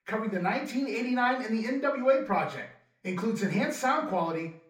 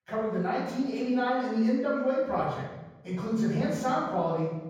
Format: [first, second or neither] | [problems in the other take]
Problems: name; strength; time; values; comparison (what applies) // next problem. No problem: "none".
first | room echo; strong; dies away in 1.3 s; slight in the first // off-mic speech; far; far in the first